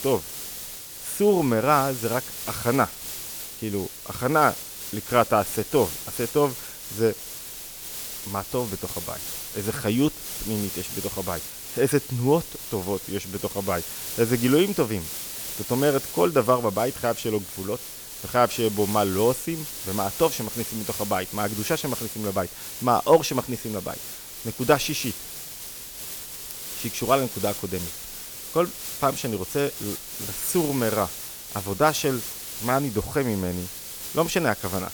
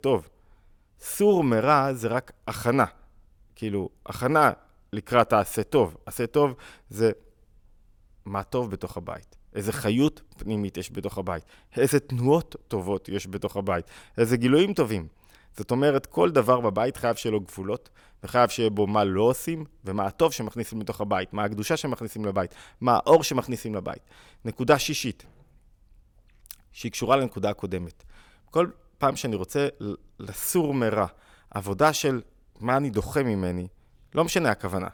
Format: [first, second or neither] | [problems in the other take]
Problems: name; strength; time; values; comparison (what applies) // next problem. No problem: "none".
second | hiss; loud; throughout; 7 dB below the speech